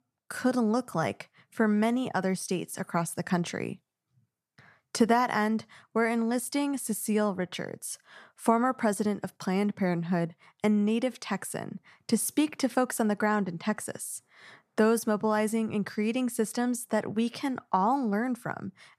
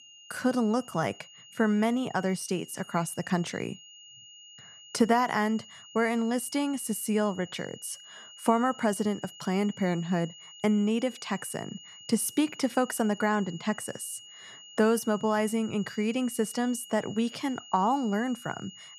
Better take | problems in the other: first | high-pitched whine; noticeable; throughout; 3 kHz, 20 dB below the speech

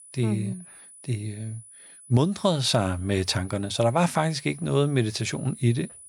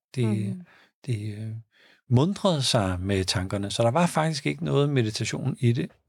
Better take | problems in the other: second | high-pitched whine; noticeable; throughout; 10 kHz, 20 dB below the speech

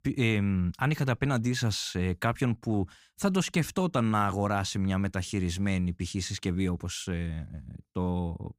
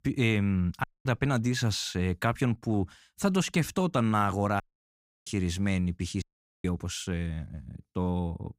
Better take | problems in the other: first | audio cutting out; at 1 s, at 4.5 s for 0.5 s and at 6 s

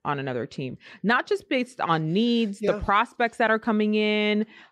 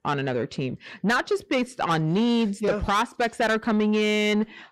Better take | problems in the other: first | distortion; slight; 10 dB below the speech

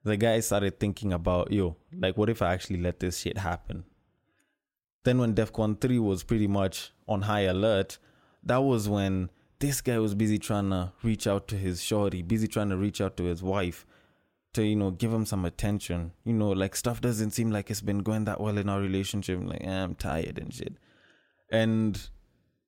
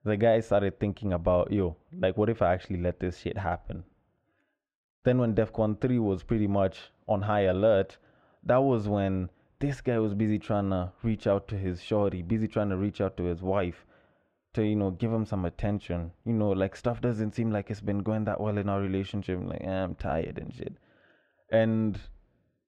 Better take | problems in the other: first | muffled; very; fading above 2.5 kHz

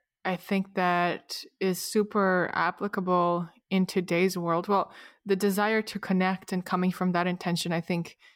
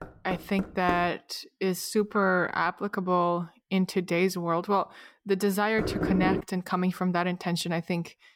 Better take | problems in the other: first | door banging; noticeable; until 1 s; peak 9 dB below the speech // phone ringing; noticeable; at 2 s; peak 4 dB below the speech // door banging; loud; at 6 s; peak level with the speech

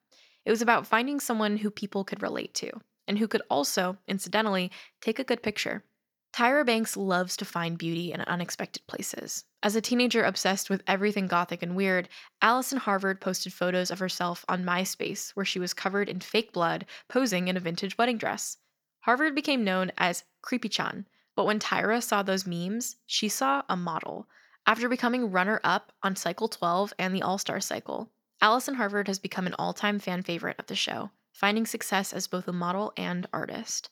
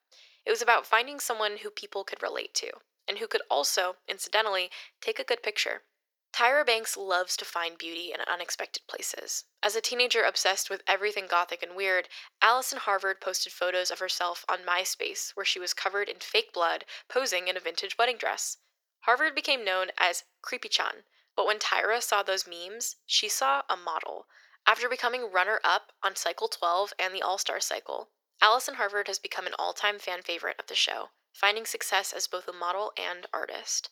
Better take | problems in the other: first | thin; very; fading below 400 Hz

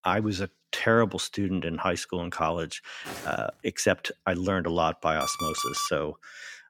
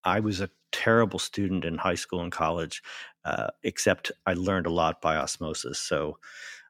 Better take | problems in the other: second | footsteps; faint; at 3 s; peak 10 dB below the speech // alarm; noticeable; at 5 s; peak 2 dB below the speech

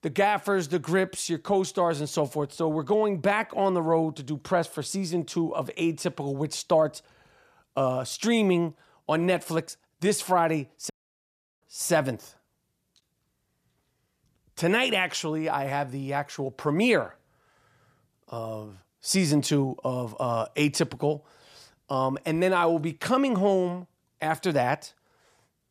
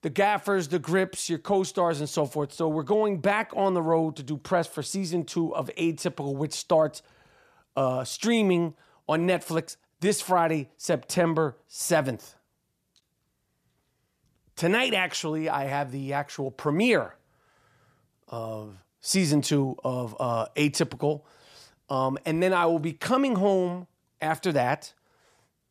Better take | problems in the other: second | audio cutting out; at 11 s for 0.5 s

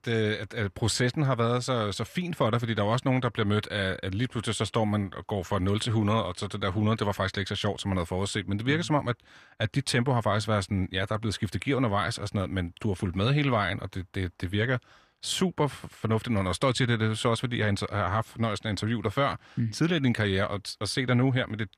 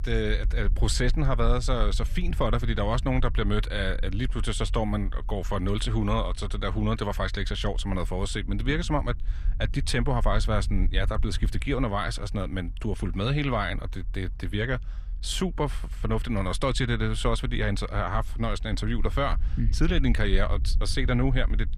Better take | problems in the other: first | low rumble; faint; throughout; 25 dB below the speech

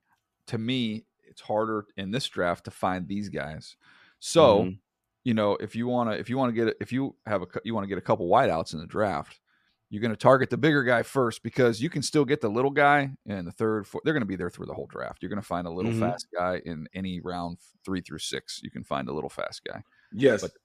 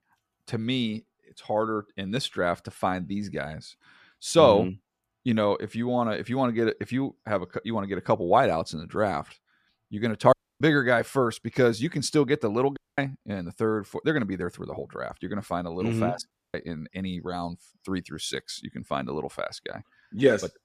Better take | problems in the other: first | audio cutting out; at 10 s, at 13 s and at 16 s

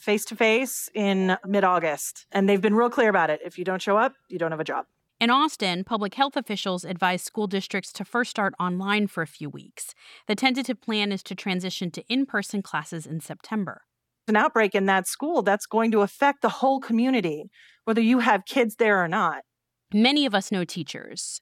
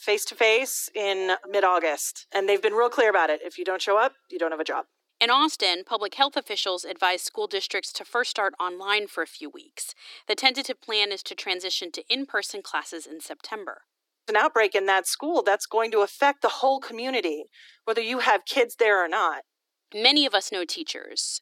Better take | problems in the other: first | thin; somewhat; fading below 300 Hz

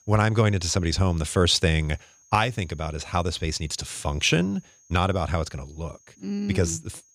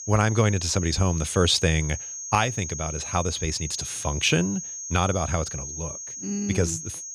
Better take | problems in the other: first | high-pitched whine; loud; throughout; 6.5 kHz, 7 dB below the speech; faint in the first

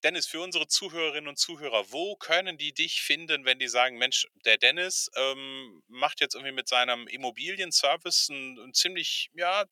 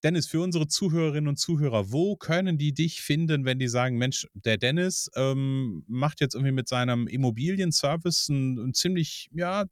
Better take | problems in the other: second | thin; very; fading below 500 Hz

